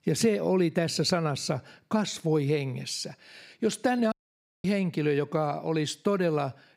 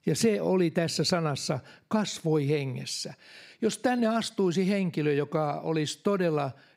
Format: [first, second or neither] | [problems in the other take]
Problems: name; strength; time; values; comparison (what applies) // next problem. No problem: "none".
second | audio cutting out; at 4 s for 0.5 s